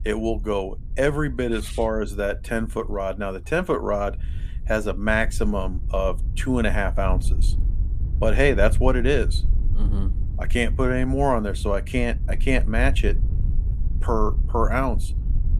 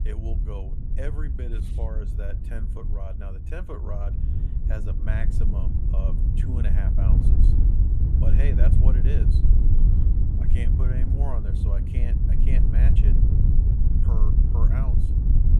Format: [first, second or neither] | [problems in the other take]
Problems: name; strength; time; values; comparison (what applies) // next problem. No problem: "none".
first | wind noise on the microphone; heavy; 1 dB above the speech; occasional gusts in the first